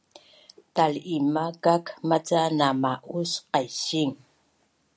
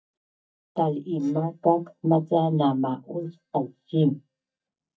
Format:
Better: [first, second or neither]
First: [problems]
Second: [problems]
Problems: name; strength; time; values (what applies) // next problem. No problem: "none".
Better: first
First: none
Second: noise reduction (neural mask model DeepFilterNet 3)